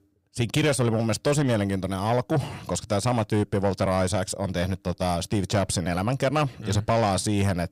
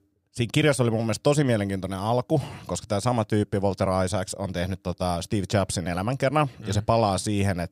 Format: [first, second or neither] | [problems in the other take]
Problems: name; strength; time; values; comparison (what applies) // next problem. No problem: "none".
second | distortion; slight; 10 dB below the speech